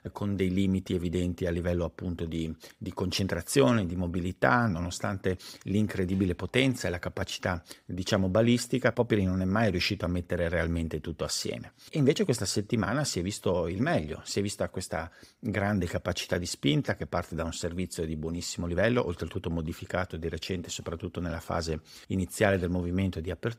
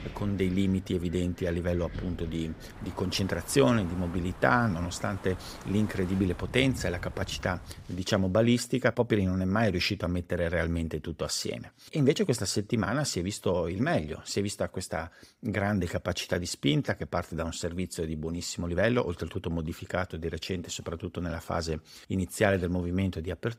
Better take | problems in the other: first | wind in the background; noticeable; until 8 s; 15 dB below the speech

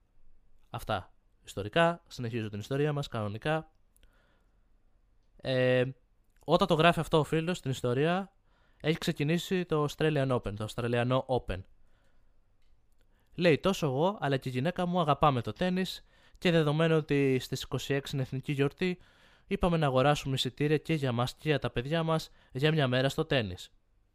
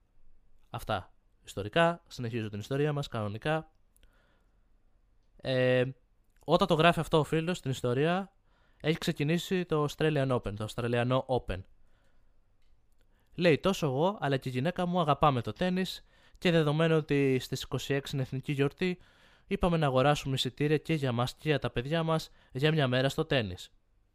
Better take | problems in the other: neither | none

